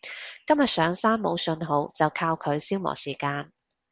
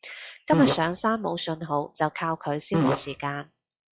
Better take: first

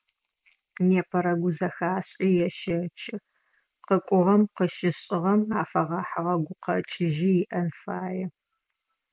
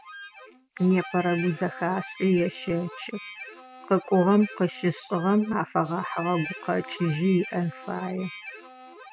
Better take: first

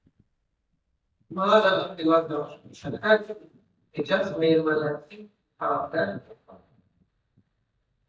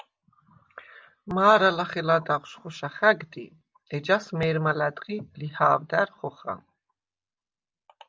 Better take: second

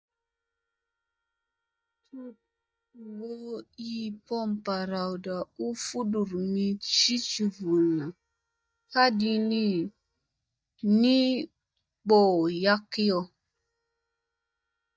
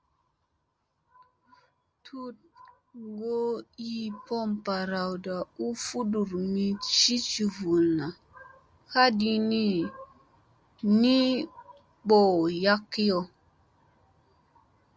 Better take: second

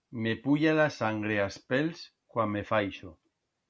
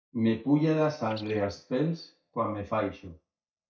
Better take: first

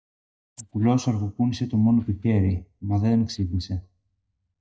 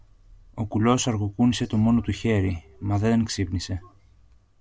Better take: second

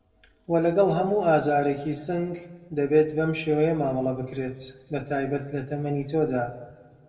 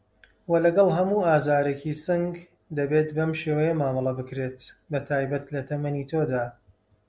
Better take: second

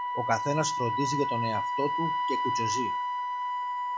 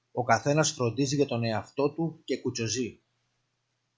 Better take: second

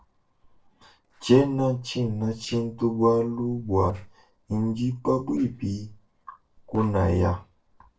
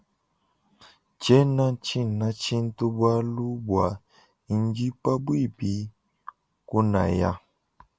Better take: second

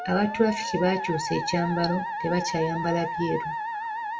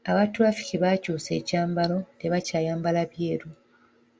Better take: second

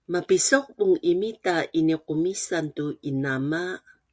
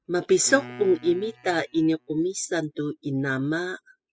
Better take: first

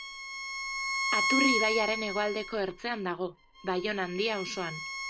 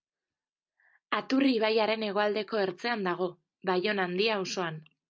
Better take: second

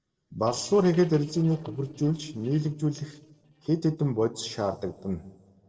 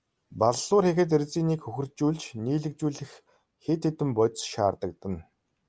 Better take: second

